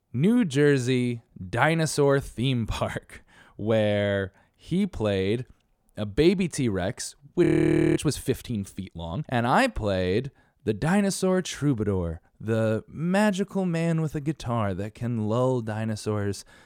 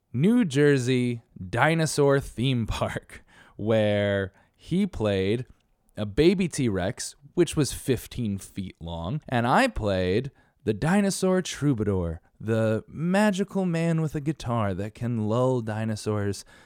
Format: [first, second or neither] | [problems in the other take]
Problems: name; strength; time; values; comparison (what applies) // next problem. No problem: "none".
second | audio freezing; at 7.5 s for 0.5 s